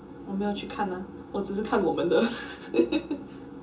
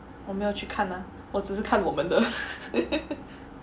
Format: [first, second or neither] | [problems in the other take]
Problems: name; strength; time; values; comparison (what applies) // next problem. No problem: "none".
second | room echo; dies away in 0.2 s